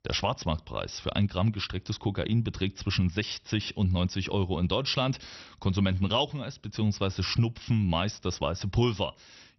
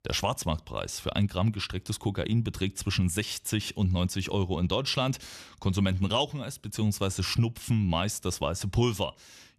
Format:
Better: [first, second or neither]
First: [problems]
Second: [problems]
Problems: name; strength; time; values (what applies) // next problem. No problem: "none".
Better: second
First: garbled, watery; slightly; nothing above 6 kHz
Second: none